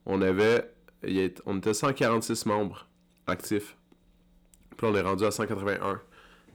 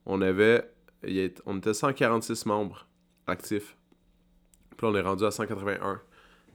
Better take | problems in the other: second | distortion; slight; 10 dB below the speech

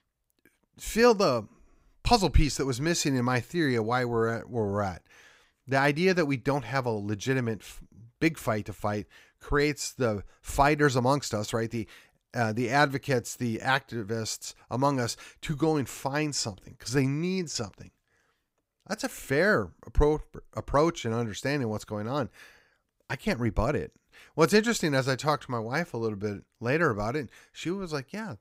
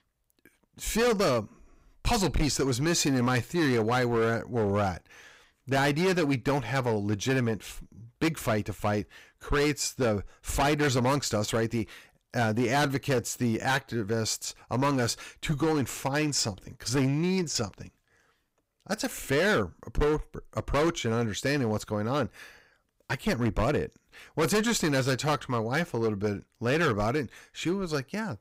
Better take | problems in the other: first | distortion; heavy; 11% of the sound clipped

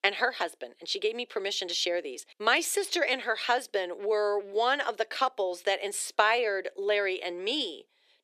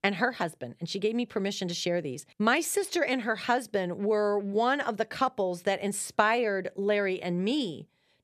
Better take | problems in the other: second | thin; very; fading below 350 Hz

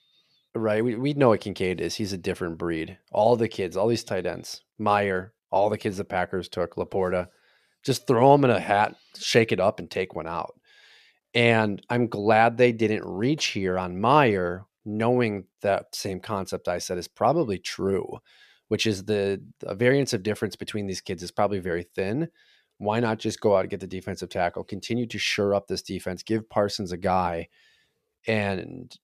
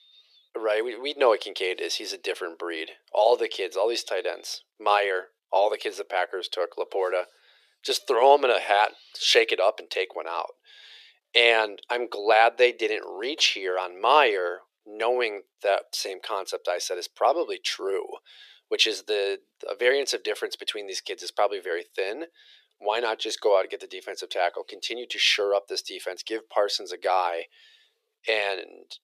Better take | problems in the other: first | thin; very; fading below 400 Hz

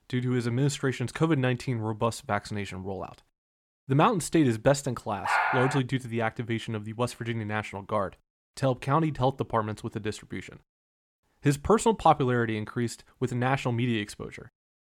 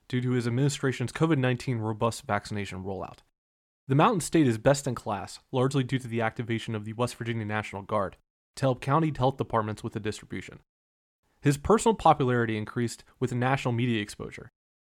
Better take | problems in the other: second | dog barking; loud; at 5.5 s; peak 3 dB above the speech

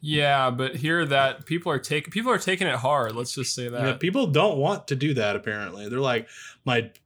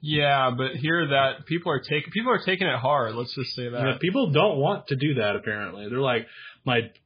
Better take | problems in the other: first | garbled, watery; badly

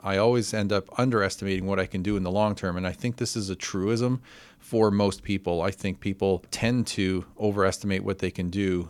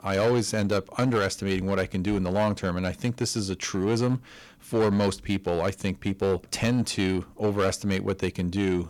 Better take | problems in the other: first | distortion; slight; 6% of the sound clipped

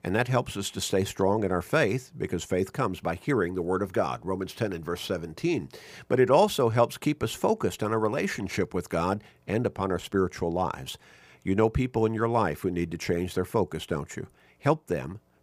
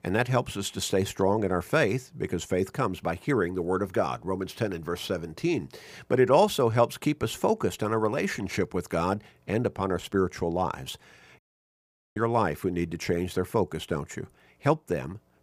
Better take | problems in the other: first | audio cutting out; at 11 s for 1 s

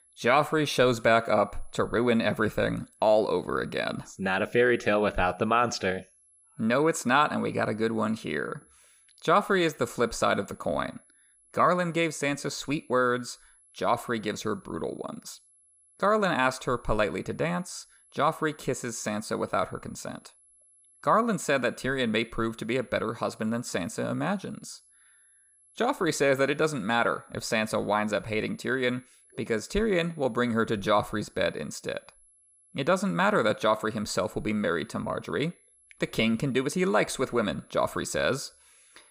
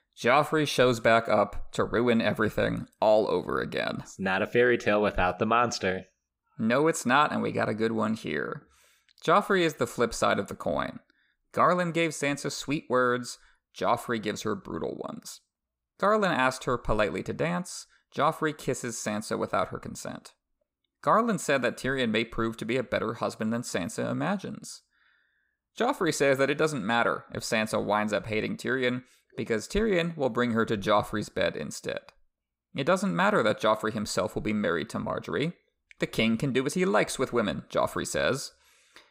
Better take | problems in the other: second | high-pitched whine; faint; throughout; 11 kHz, 30 dB below the speech

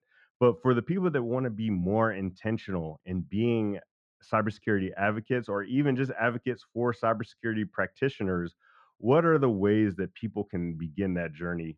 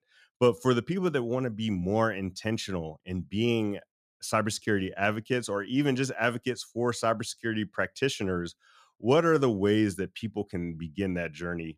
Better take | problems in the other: second | muffled; very; fading above 1.5 kHz

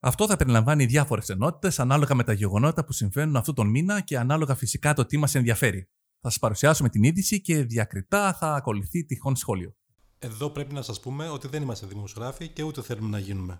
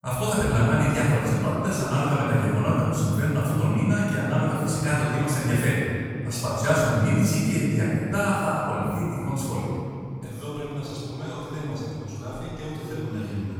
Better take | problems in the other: first | room echo; strong; dies away in 2.4 s // off-mic speech; far

